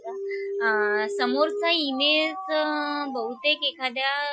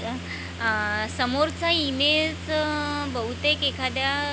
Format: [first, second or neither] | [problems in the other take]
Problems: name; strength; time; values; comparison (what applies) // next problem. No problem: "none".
second | noise reduction (classical method Wiener filter)